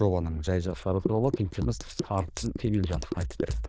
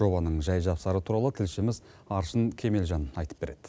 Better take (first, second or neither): second